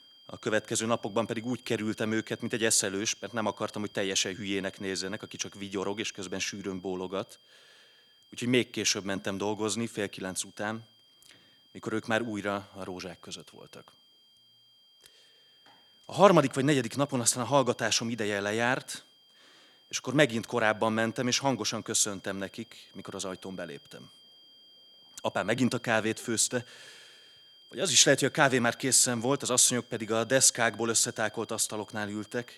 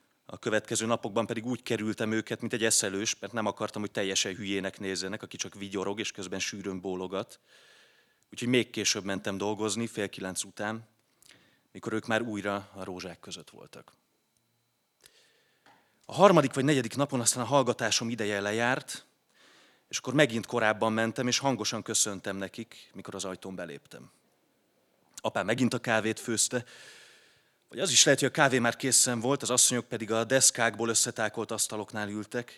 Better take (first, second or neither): second